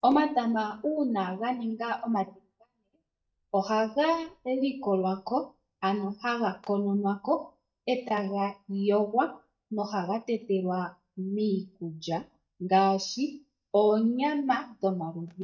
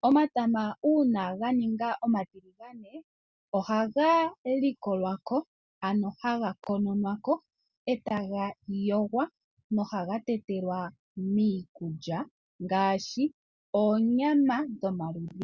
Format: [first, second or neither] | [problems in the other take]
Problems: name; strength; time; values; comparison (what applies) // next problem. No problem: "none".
second | noise reduction (neural mask model DeepFilterNet 3)